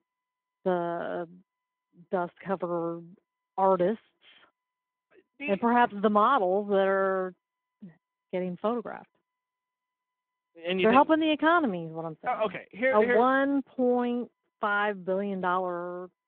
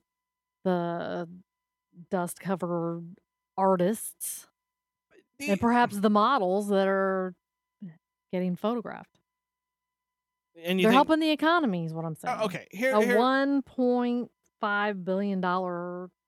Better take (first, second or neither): second